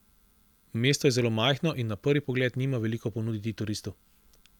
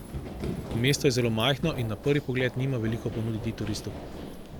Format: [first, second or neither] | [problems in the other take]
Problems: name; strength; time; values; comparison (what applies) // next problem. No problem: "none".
first | background sound (Run); 9 dB below the speech